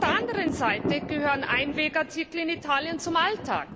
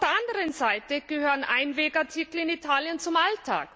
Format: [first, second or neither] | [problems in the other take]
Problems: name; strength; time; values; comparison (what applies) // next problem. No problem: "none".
second | background sound (Thunder); 7 dB below the speech